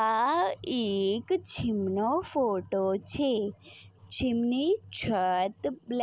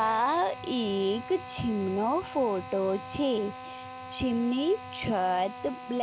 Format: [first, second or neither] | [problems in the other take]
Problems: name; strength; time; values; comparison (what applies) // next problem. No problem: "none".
first | background sound (Drill); 13 dB below the speech